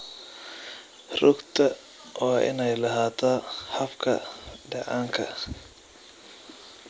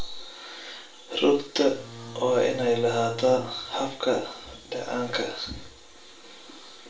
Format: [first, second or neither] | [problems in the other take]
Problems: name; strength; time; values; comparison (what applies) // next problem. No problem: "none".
first | background sound (Bowed string instrument); 15 dB below the speech // room echo; dies away in 0.4 s